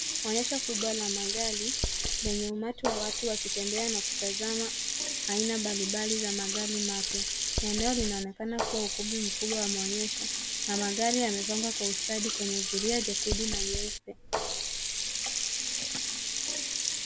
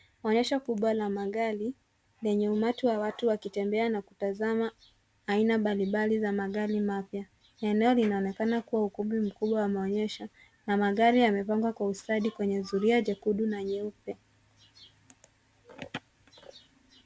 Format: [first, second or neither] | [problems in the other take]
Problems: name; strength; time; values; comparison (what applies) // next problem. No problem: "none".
second | background sound (Sink (filling or washing)); 3 dB above the speech